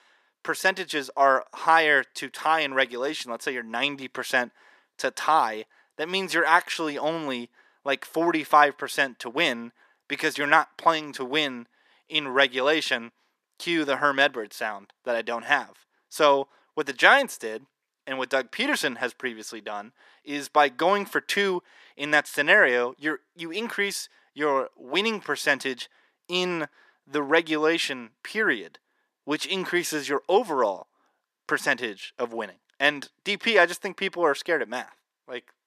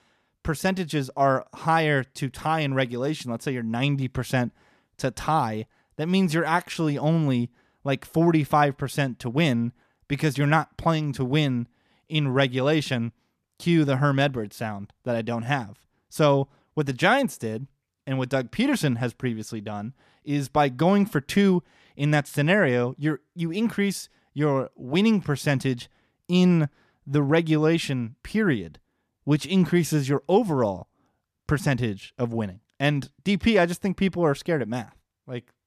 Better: second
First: thin; very; fading below 350 Hz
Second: none

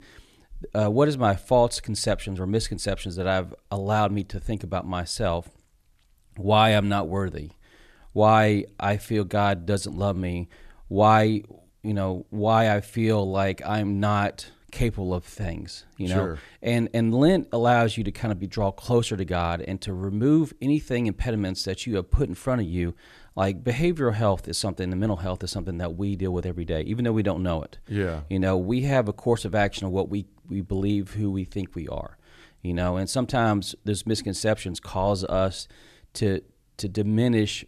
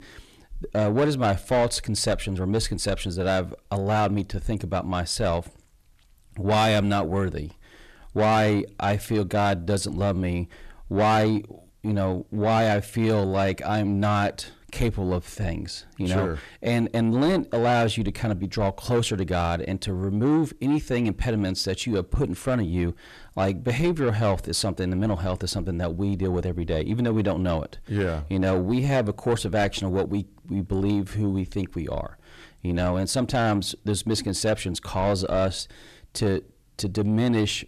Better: first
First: none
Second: distortion; slight; 10 dB below the speech

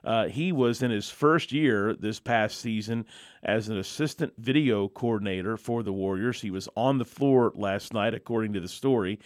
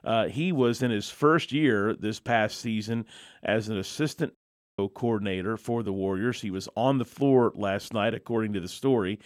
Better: first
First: none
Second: audio cutting out; at 4.5 s

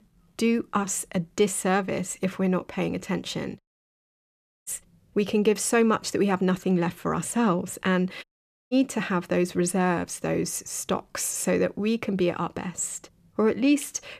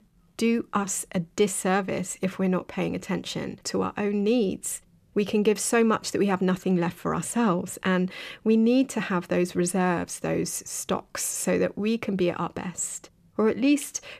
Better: second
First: audio cutting out; at 3.5 s for 1 s and at 8 s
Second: none

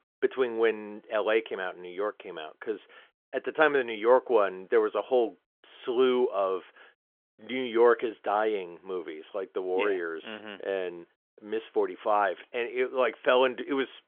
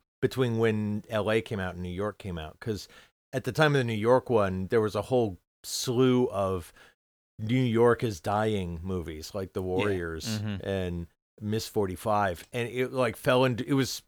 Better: second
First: phone-call audio; nothing above 3.5 kHz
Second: none

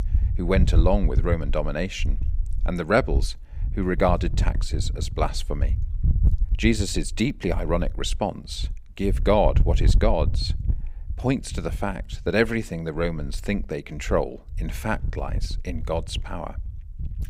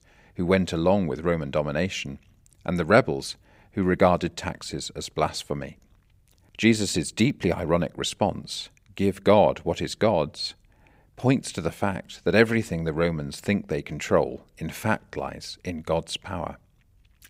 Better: second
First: wind noise on the microphone; occasional gusts; 20 dB below the speech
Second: none

